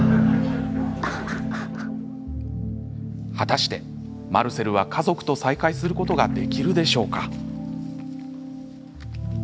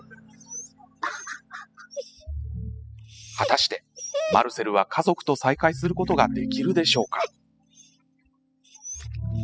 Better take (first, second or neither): first